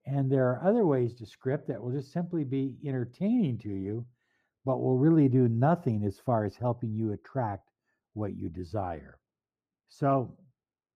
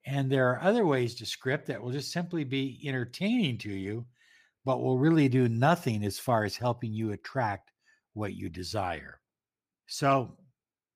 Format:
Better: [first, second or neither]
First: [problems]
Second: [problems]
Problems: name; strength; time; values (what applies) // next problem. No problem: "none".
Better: second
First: muffled; very; fading above 1.5 kHz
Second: none